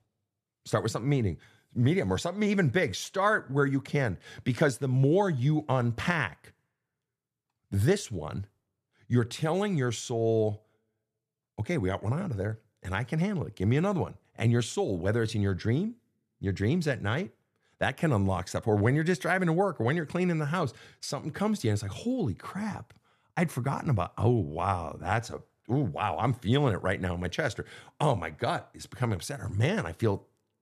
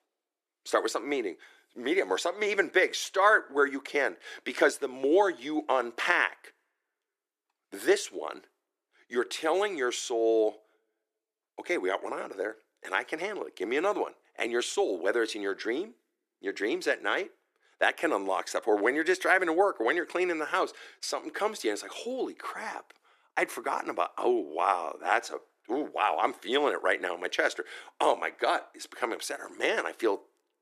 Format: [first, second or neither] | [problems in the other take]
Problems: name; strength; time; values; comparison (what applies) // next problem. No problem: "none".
first | thin; very; fading below 350 Hz